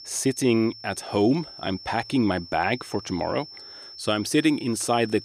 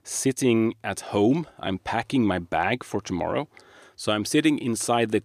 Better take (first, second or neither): second